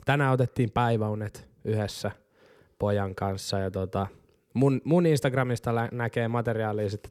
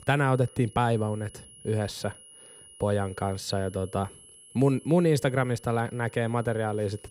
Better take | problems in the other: first | high-pitched whine; faint; throughout; 10.5 kHz, 20 dB below the speech

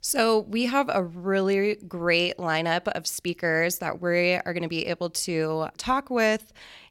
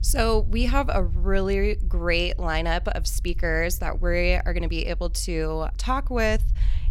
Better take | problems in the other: first | low rumble; faint; throughout; 25 dB below the speech

